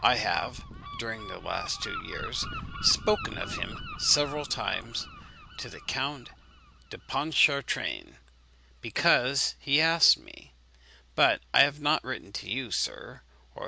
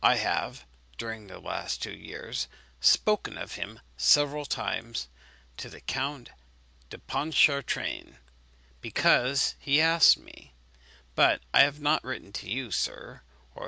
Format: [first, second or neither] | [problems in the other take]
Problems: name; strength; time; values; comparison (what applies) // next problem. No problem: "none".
second | background sound (Gull, seagull); 13 dB below the speech